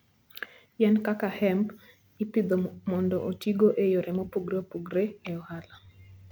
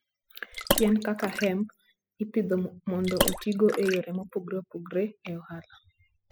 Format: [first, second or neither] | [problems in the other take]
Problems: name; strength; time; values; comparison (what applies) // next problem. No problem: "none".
first | noise reduction (classical method spectral subtraction)